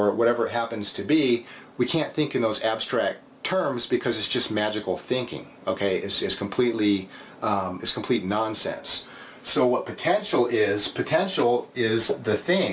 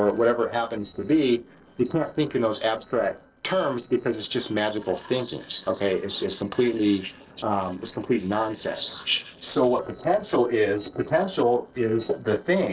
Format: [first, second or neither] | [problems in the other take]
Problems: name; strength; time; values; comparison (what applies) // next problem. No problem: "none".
first | noise reduction (neural separator model SepFormer DNS4)